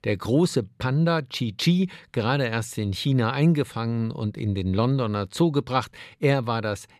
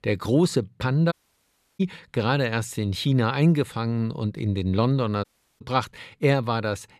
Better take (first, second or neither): first